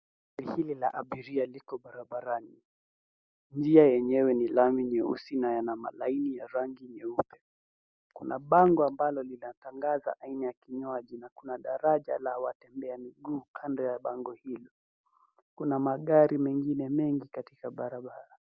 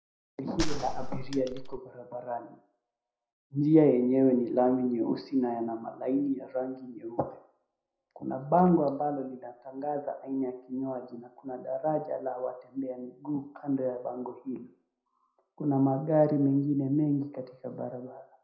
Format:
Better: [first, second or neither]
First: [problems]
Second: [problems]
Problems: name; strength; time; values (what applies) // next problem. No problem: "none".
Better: first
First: none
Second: background sound (Gunshot, gunfire); 1 dB below the speech // room echo; dies away in 0.4 s